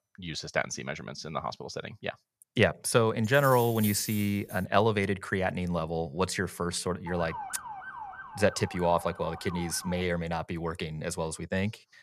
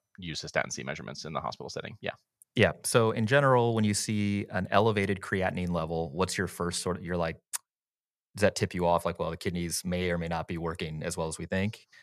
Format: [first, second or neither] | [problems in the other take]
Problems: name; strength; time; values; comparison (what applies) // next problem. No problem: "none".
second | jangling keys; noticeable; from 3 to 4.5 s; peak 6 dB below the speech // siren; noticeable; from 7 to 10 s; peak 9 dB below the speech